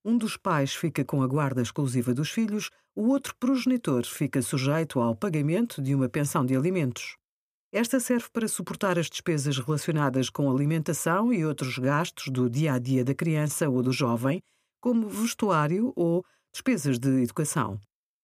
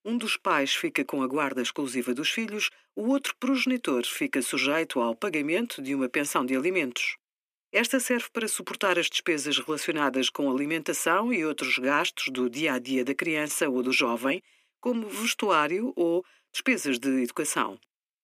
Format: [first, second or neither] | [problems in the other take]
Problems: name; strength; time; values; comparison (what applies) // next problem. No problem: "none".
first | thin; very slightly; fading below 300 Hz